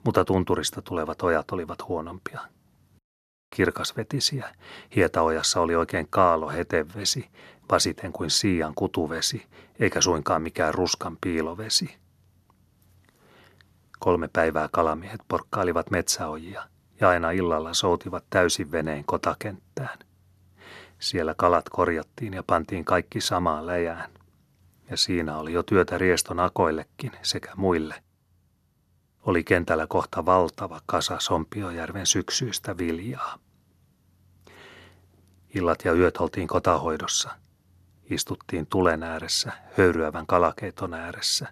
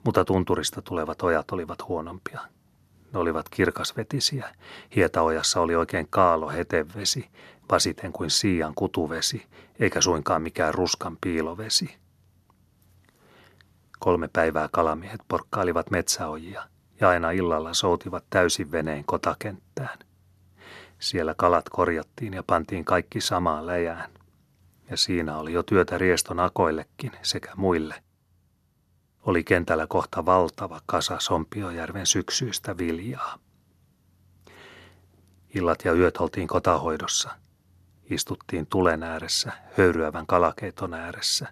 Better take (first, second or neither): second